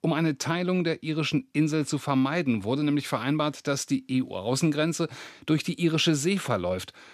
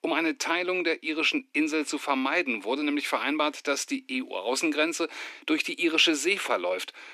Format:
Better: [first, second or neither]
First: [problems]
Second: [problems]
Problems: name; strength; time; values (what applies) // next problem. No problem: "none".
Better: first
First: none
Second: thin; somewhat; fading below 300 Hz